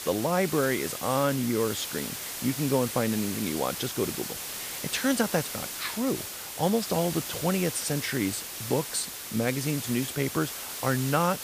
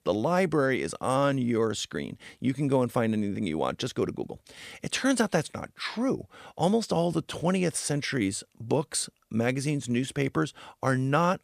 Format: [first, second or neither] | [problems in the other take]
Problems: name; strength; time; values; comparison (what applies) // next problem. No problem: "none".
second | hiss; loud; throughout; 5 dB below the speech